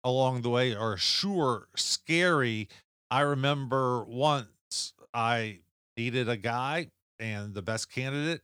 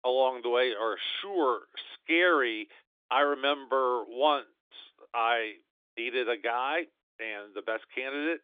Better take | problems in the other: first | phone-call audio; nothing above 3.5 kHz

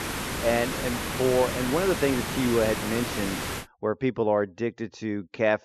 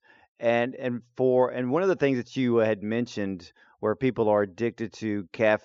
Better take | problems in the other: second | hiss; loud; until 3.5 s; 3 dB below the speech

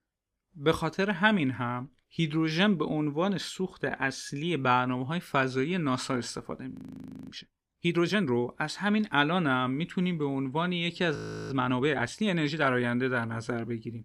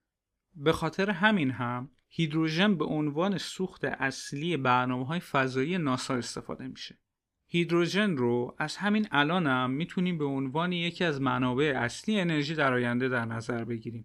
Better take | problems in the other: second | audio freezing; at 6.5 s for 0.5 s and at 11 s

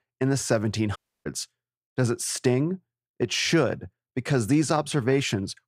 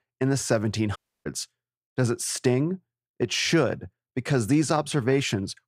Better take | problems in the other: neither | audio cutting out; at 1 s; the same in both

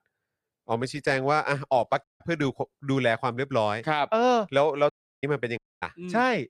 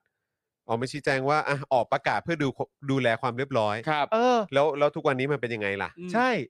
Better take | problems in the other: second | audio cutting out; at 2 s, at 5 s and at 5.5 s

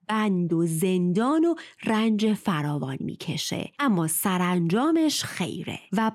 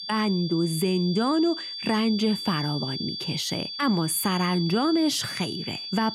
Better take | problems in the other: first | high-pitched whine; loud; throughout; 4.5 kHz, 7 dB below the speech

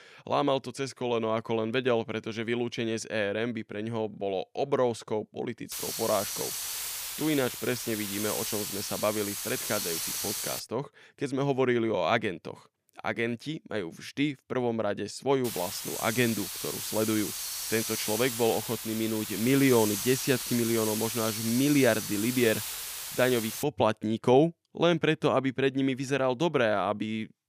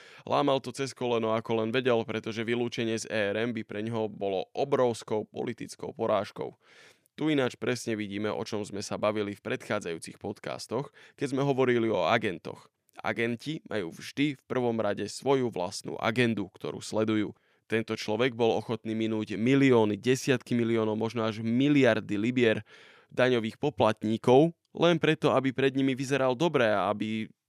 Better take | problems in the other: second | hiss; loud; from 5.5 to 11 s and from 15 to 24 s; 4 dB below the speech

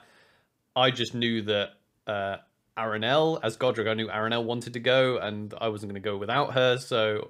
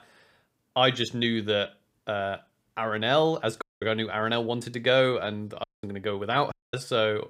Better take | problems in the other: first | audio cutting out; at 3.5 s, at 5.5 s and at 6.5 s

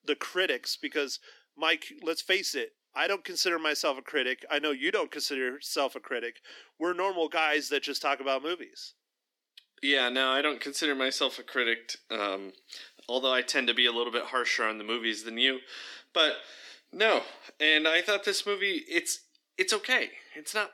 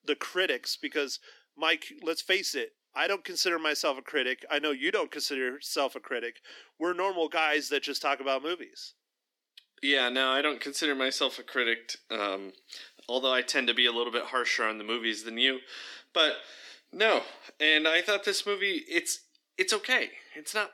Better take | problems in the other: neither | thin; very slightly; fading below 250 Hz; the same in both

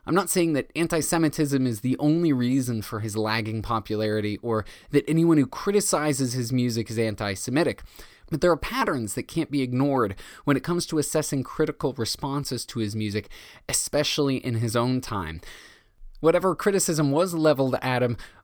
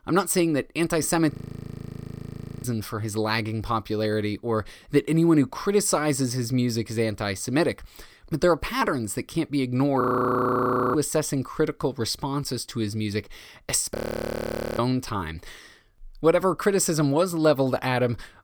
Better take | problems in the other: first | audio freezing; at 1.5 s for 1.5 s, at 10 s for 1 s and at 14 s for 1 s

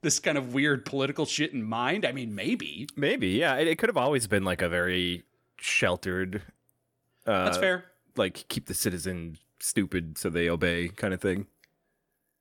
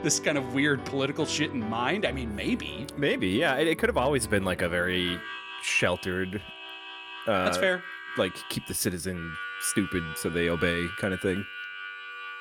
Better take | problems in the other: first | background music; noticeable; throughout; 10 dB below the speech

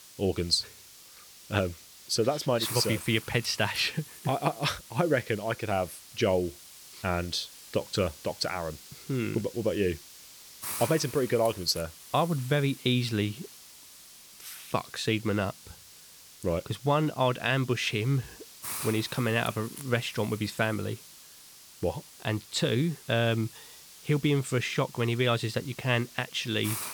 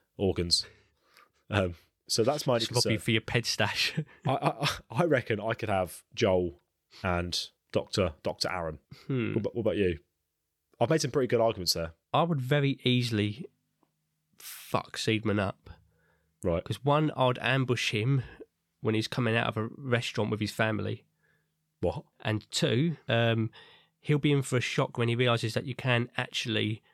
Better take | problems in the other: second | hiss; noticeable; throughout; 15 dB below the speech

